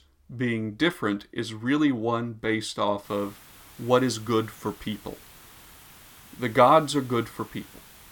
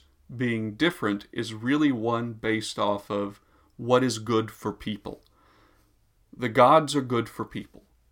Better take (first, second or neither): second